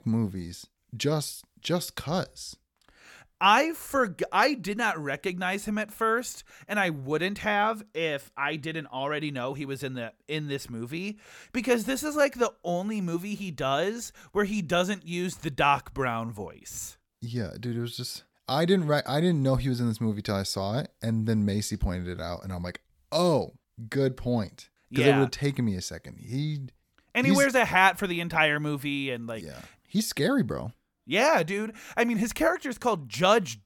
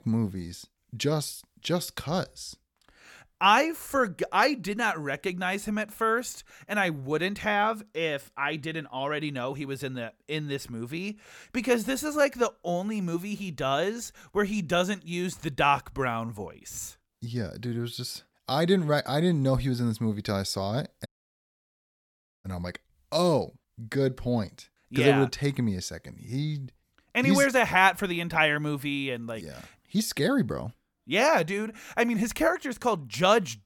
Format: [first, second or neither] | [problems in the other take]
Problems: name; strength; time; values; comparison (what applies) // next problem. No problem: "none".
first | audio cutting out; at 21 s for 1.5 s